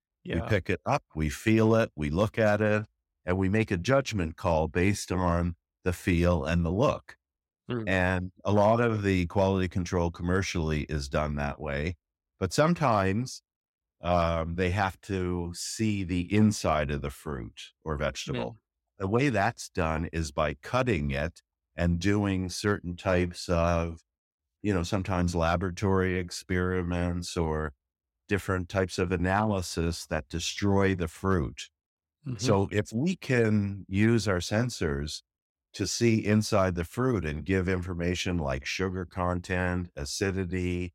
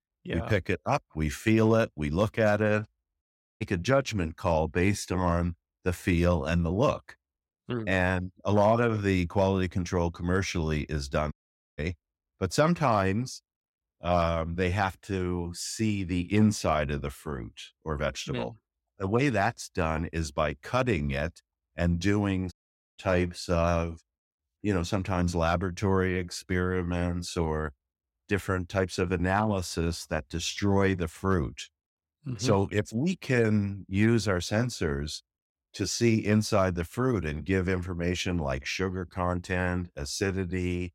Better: first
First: none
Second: audio cutting out; at 3 s, at 11 s and at 23 s

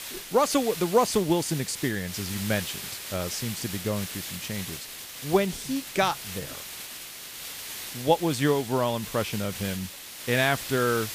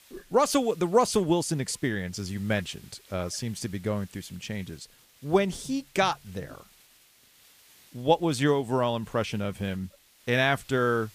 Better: second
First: hiss; loud; throughout; 8 dB below the speech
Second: hiss; faint; throughout; 25 dB below the speech

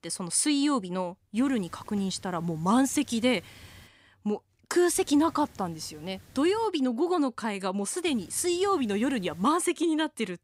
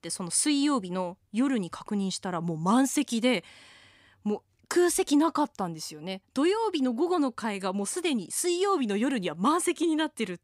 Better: second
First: hiss; faint; from 1.5 to 4 s, from 5 to 6.5 s and from 8 to 9.5 s; 25 dB below the speech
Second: none

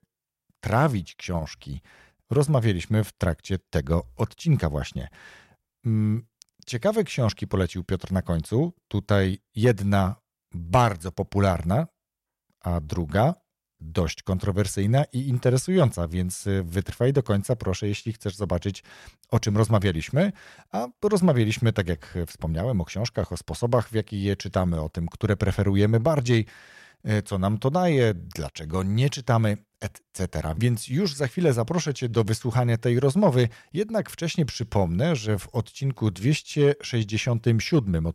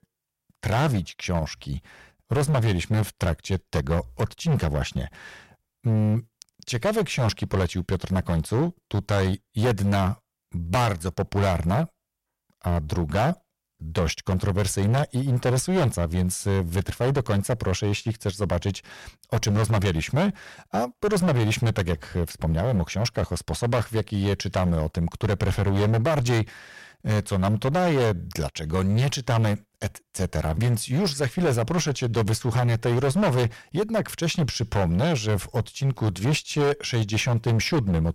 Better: first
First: none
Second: distortion; heavy; 17% of the sound clipped

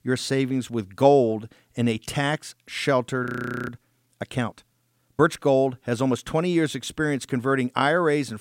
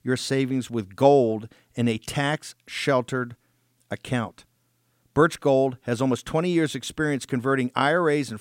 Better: second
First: audio freezing; at 3.5 s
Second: none

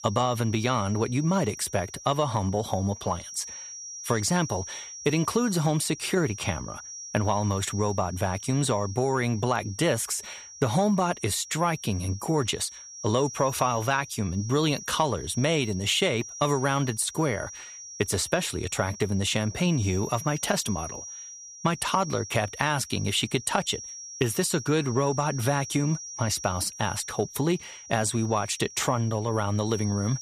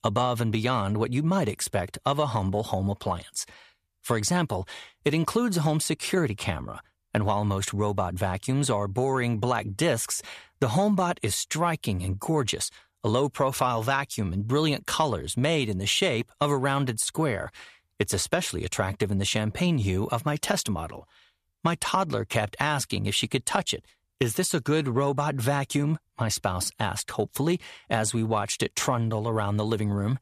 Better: second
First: high-pitched whine; noticeable; throughout; 5.5 kHz, 10 dB below the speech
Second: none

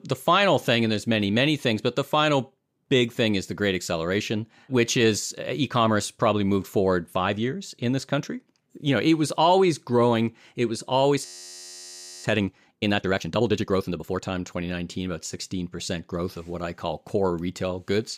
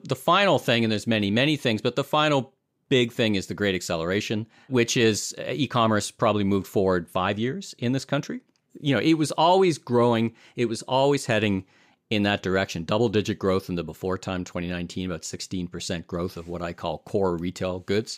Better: second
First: audio freezing; at 11 s for 1 s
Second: none

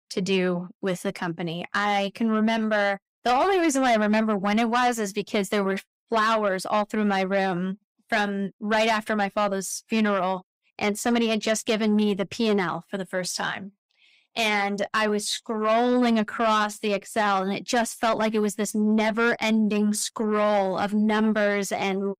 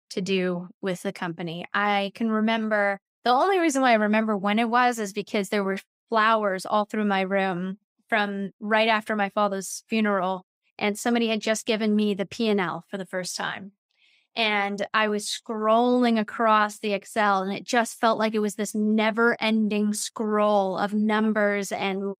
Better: second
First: distortion; slight; 10 dB below the speech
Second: none

